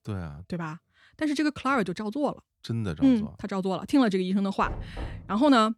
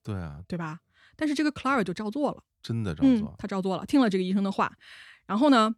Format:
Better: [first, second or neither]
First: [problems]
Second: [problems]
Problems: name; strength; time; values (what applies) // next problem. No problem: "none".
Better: second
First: door banging; faint; at 4.5 s; peak 10 dB below the speech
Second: none